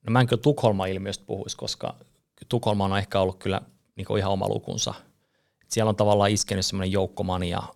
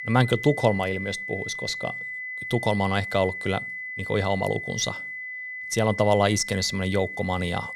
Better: first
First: none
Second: high-pitched whine; loud; throughout; 2 kHz, 7 dB below the speech

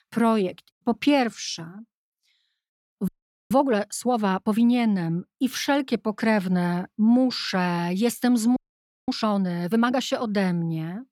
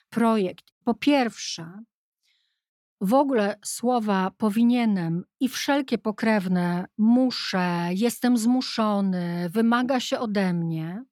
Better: second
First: audio freezing; at 3 s and at 8.5 s for 0.5 s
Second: none

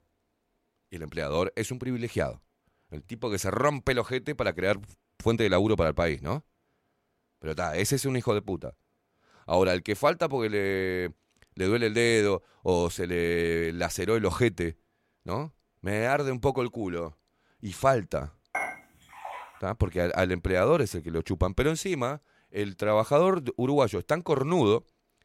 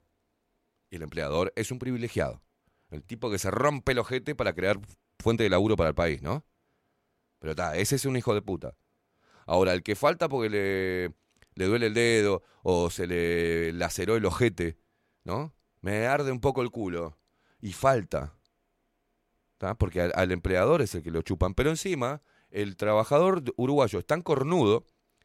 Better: second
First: clattering dishes; noticeable; at 19 s; peak 5 dB below the speech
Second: none

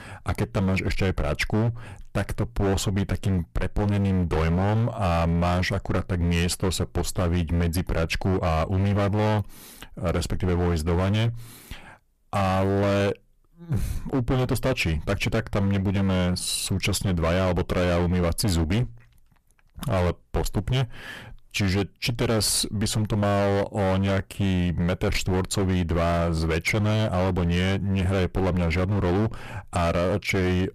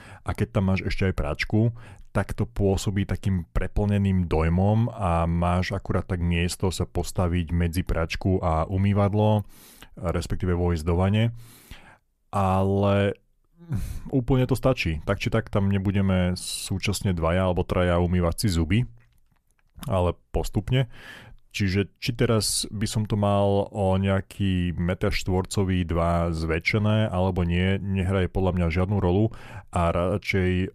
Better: second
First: distortion; heavy; 26% of the sound clipped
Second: none

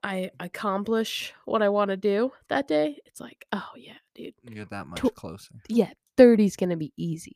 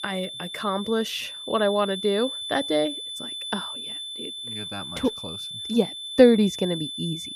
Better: first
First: none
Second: high-pitched whine; loud; throughout; 3.5 kHz, 8 dB below the speech

